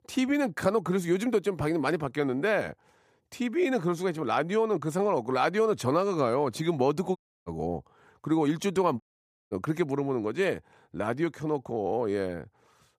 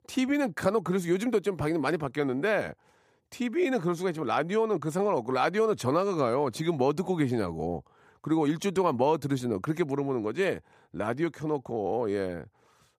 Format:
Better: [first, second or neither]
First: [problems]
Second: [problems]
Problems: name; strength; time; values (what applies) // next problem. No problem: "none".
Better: second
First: audio cutting out; at 7 s and at 9 s for 0.5 s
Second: none